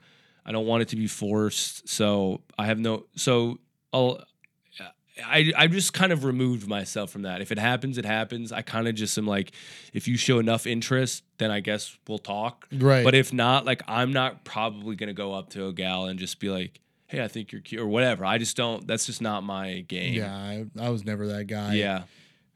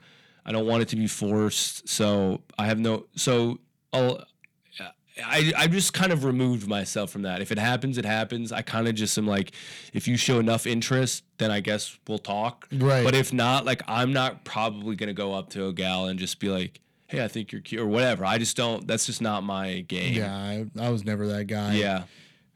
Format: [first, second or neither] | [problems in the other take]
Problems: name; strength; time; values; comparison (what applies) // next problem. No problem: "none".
first | distortion; slight; 10 dB below the speech